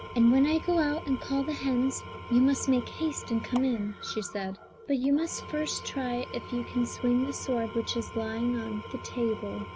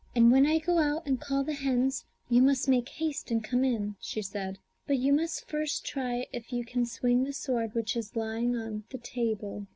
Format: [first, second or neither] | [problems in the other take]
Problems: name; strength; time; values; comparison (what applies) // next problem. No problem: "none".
second | background sound (Engine / Tools); 13 dB below the speech